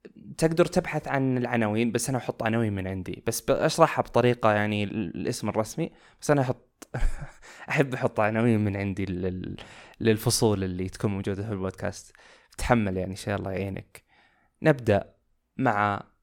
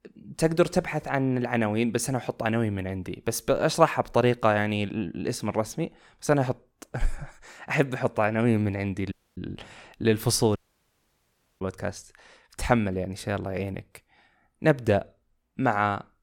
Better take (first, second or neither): first